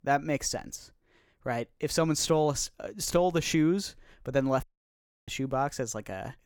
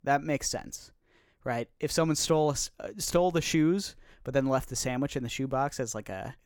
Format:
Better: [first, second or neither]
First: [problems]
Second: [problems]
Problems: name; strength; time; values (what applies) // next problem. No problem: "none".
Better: second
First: audio cutting out; at 4.5 s for 0.5 s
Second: none